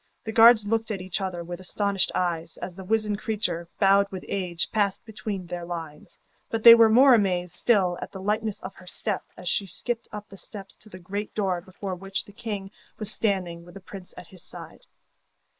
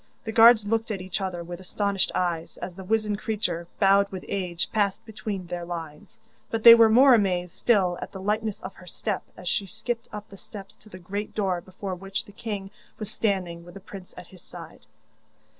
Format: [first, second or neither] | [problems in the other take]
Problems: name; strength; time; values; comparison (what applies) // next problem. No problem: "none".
second | noise reduction (neural mask model Resemble Enhance denoiser)